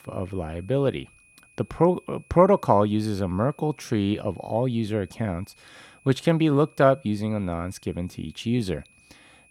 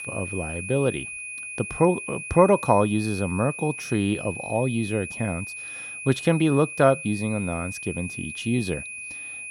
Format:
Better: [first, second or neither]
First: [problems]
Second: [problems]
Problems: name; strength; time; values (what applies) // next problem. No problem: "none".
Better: first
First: high-pitched whine; faint; throughout; 2.5 kHz, 30 dB below the speech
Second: high-pitched whine; loud; throughout; 2.5 kHz, 9 dB below the speech